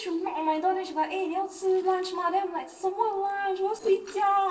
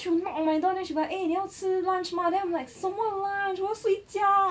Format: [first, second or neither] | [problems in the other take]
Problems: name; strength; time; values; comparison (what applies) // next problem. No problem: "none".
second | noise reduction (neural separator model SepFormer DNS4)